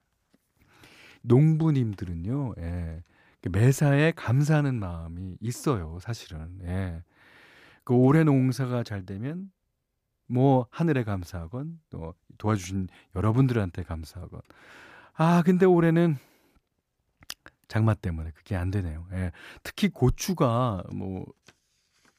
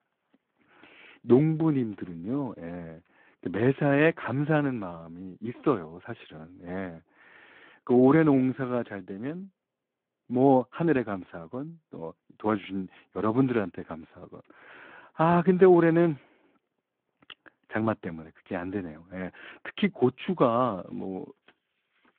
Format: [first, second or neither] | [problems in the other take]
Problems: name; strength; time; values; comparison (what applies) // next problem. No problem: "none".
first | phone-call audio